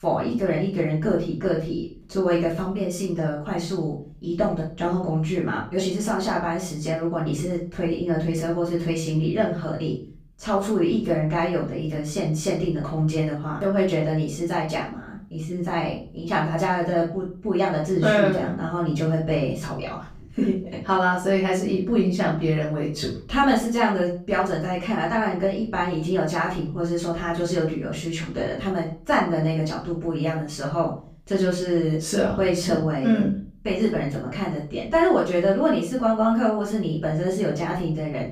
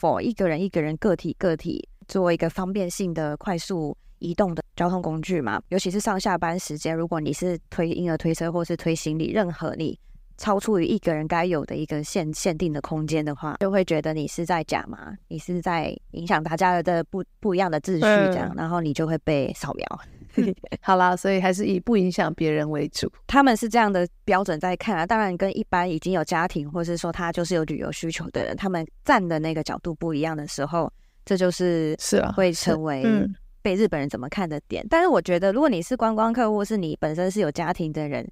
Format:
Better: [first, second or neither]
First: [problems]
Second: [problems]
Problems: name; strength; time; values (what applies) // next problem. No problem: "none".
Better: second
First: off-mic speech; far // room echo; slight; dies away in 0.4 s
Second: none